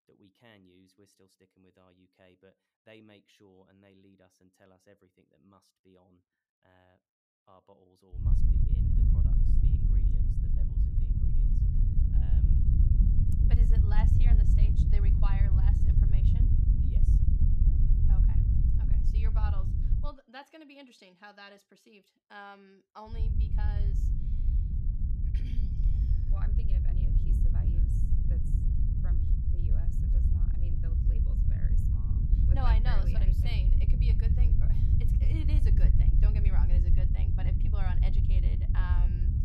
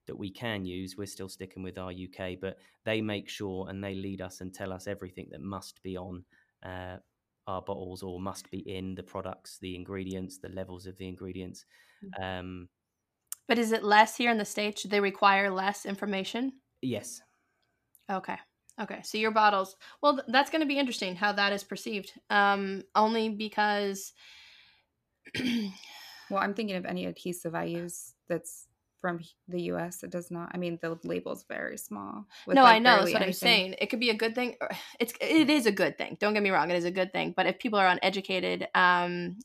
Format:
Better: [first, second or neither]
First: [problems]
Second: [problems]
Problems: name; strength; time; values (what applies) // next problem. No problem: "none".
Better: second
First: wind noise on the microphone; heavy; from 8 to 20 s and from 23 s on; 2 dB above the speech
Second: none